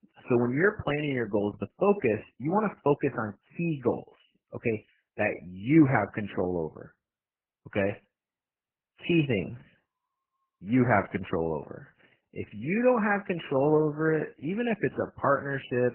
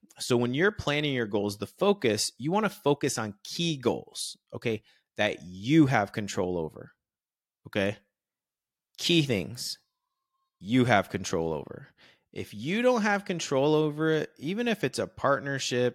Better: second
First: garbled, watery; badly; nothing above 3 kHz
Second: none

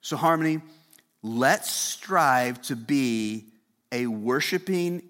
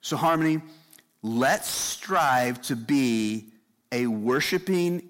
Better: first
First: none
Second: distortion; slight; 10 dB below the speech

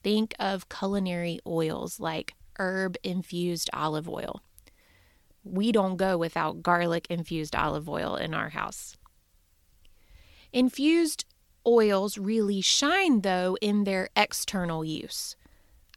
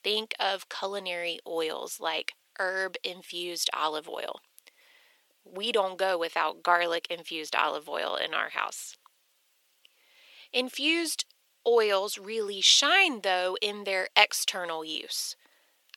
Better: first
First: none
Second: thin; very; fading below 450 Hz

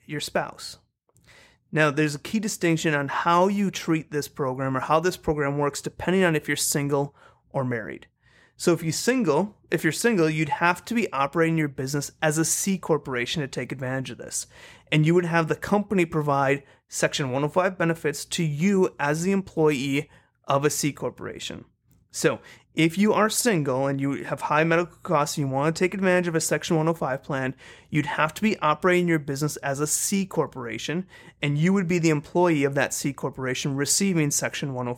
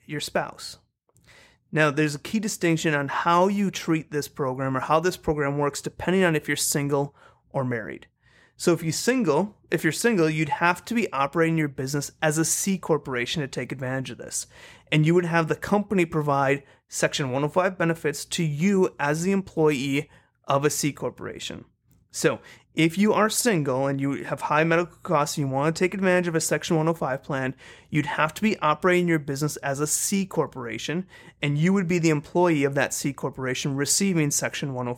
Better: neither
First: none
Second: none

